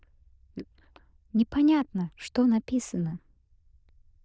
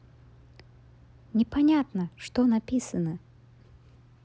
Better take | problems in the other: second | noise reduction (neural diffusion model UNIVERSE++)

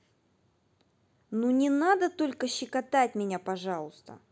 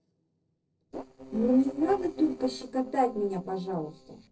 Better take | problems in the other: first | noise reduction (neural separator model SepFormer DNS4)

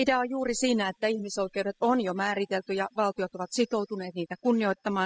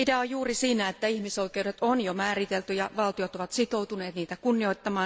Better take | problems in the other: second | noise reduction (classical method spectral subtraction)

